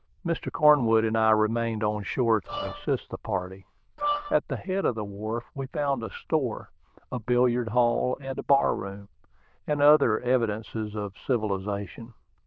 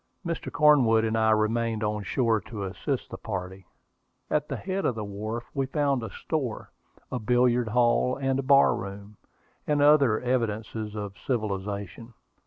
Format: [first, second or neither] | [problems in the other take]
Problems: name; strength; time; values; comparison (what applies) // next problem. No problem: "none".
second | noise reduction (neural diffusion model UNIVERSE++)